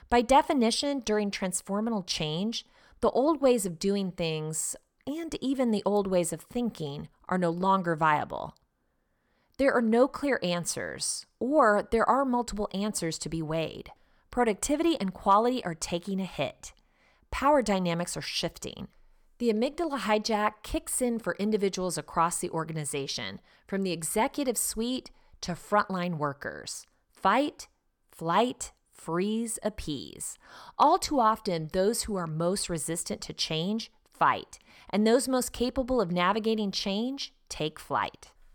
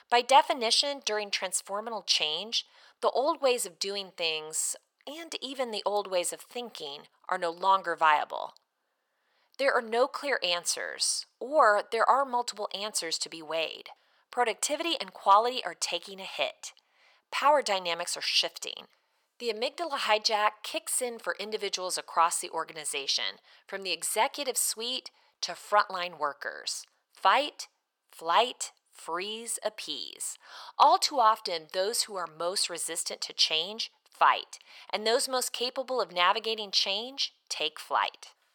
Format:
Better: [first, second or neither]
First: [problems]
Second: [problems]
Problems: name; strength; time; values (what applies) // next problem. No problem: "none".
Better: first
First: none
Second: thin; very; fading below 700 Hz